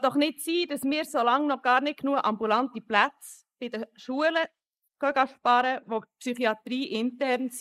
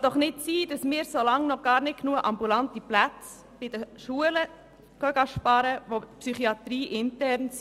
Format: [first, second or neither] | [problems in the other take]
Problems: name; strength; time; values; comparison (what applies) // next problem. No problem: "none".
second | noise reduction (neural mask model Resemble Enhance denoiser)